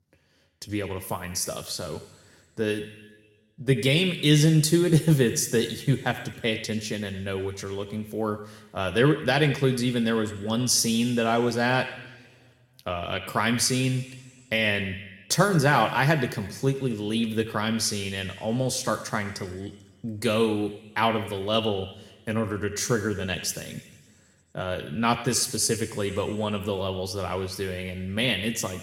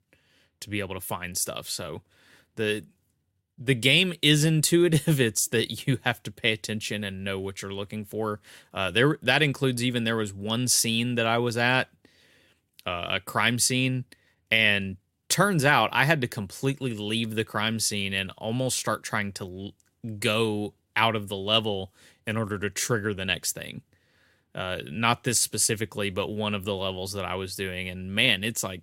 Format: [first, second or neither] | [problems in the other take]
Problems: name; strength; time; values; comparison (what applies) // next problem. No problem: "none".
second | room echo; slight; dies away in 1.3 s